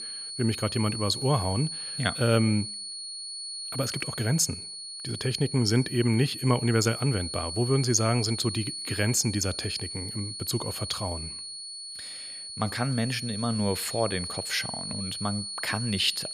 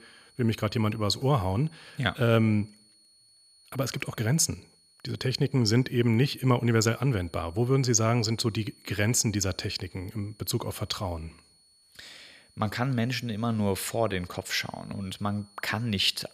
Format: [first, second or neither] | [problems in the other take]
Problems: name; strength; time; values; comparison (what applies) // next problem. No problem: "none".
second | high-pitched whine; loud; throughout; 4.5 kHz, 6 dB below the speech; faint in the second